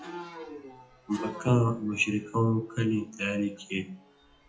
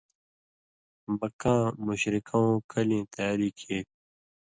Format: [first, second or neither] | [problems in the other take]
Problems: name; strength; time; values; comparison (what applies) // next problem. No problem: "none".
second | noise reduction (classical method WPE with log-MMSE)